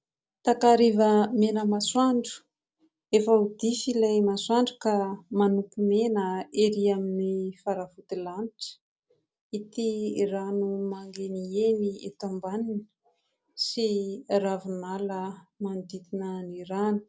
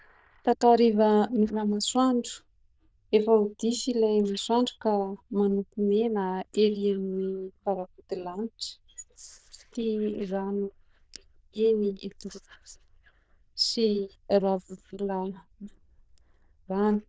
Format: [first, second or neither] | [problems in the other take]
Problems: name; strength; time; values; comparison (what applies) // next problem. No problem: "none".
first | noise reduction (neural diffusion model UNIVERSE++)